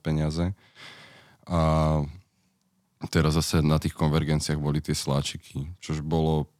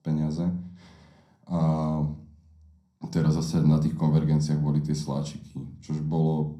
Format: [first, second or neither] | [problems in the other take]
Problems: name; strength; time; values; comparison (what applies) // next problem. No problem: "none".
first | room echo; slight; dies away in 0.5 s // off-mic speech; somewhat distant